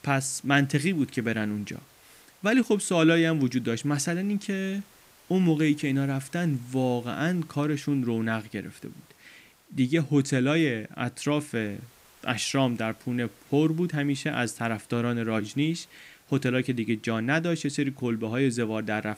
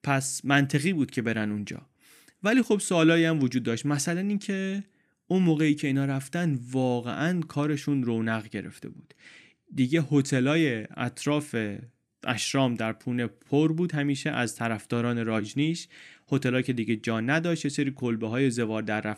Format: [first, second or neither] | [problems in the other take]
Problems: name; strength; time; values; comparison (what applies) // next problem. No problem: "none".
second | hiss; faint; throughout; 30 dB below the speech